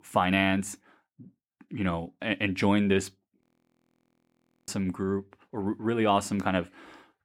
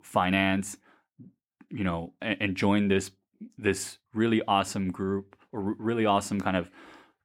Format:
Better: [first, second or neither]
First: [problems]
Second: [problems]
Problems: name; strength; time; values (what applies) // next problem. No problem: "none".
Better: second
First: audio freezing; at 3.5 s for 1.5 s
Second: none